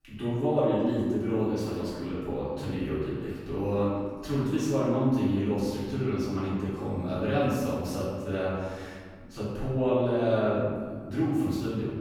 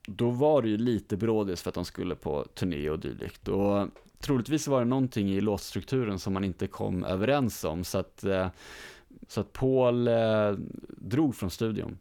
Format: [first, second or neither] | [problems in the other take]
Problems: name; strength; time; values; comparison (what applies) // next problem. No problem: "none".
second | room echo; strong; dies away in 1.5 s // off-mic speech; far